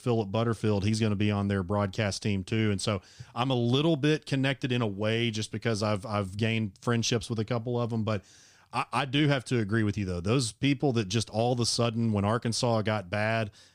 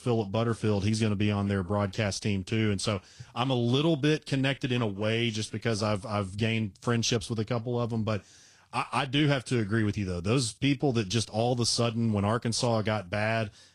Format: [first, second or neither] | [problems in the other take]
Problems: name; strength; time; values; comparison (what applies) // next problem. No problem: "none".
first | garbled, watery; slightly